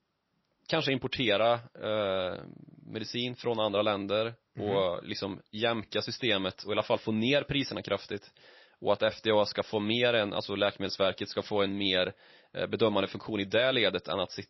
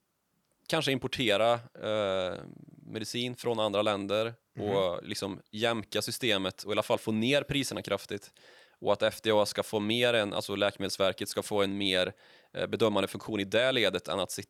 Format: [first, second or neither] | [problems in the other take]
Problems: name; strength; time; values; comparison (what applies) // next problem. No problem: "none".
second | garbled, watery; slightly; nothing above 5.5 kHz